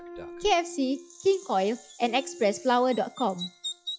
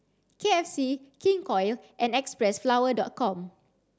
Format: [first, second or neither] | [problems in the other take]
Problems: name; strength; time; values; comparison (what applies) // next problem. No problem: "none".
second | noise reduction (classical method log-MMSE)